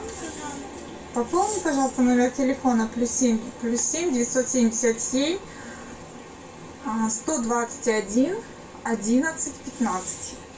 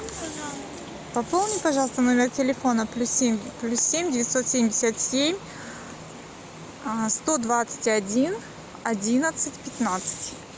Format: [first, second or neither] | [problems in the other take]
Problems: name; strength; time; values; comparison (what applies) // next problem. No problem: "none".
second | room echo; dies away in 0.2 s